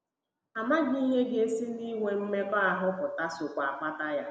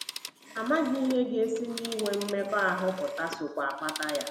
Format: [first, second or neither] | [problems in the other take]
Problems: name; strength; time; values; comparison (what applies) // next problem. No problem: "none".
first | background sound (Telephone); 12 dB below the speech